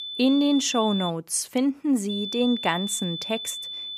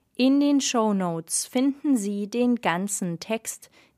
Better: second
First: high-pitched whine; loud; until 1 s and from 2 s on; 3.5 kHz, 7 dB below the speech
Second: none

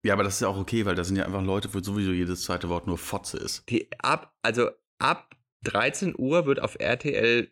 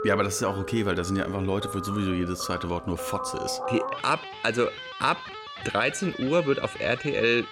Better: first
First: none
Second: background music; loud; throughout; 9 dB below the speech

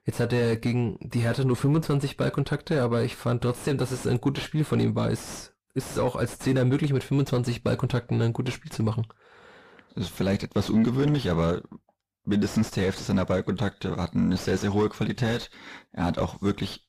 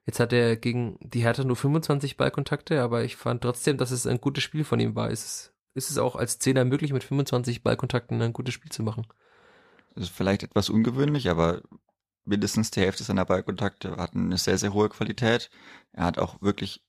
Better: second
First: distortion; heavy; 7 dB below the speech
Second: none

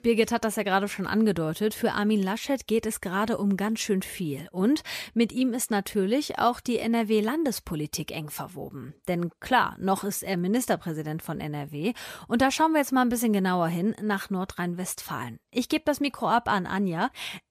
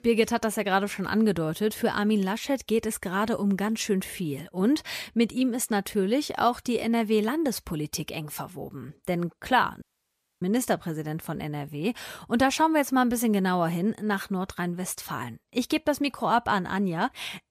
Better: first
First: none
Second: audio cutting out; at 10 s for 0.5 s

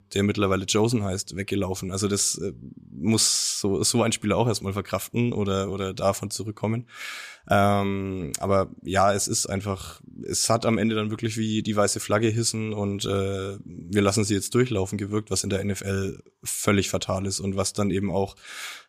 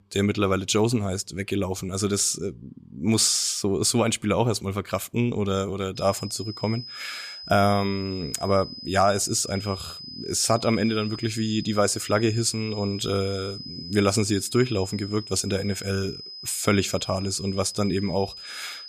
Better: first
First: none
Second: high-pitched whine; noticeable; from 6 s on; 5 kHz, 10 dB below the speech

